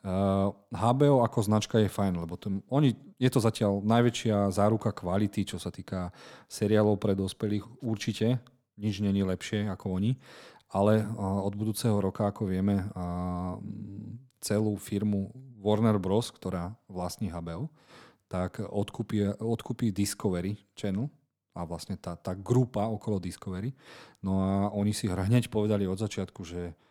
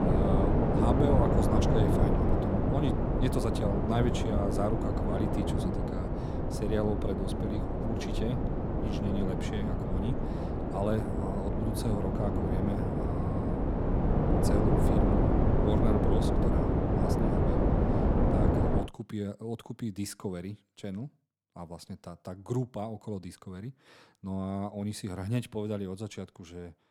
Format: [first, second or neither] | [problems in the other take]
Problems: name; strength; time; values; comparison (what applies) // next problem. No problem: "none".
first | wind noise on the microphone; heavy; until 19 s; 5 dB above the speech